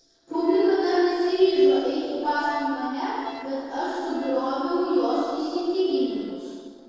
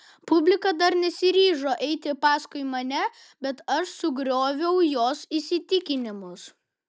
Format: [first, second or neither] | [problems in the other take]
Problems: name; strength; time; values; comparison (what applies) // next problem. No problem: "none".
second | noise reduction (neural separator model SepFormer DNS4)